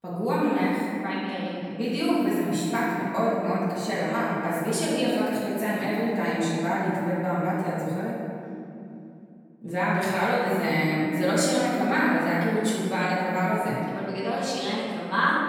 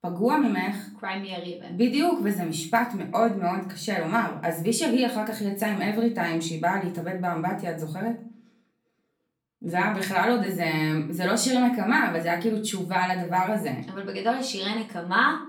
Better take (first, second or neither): second